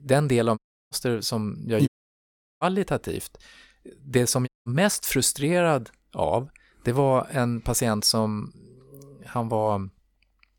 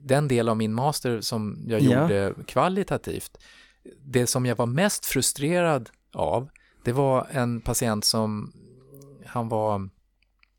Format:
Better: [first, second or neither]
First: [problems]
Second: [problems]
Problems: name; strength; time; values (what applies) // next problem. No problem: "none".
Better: second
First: audio cutting out; at 0.5 s, at 2 s for 0.5 s and at 4.5 s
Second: none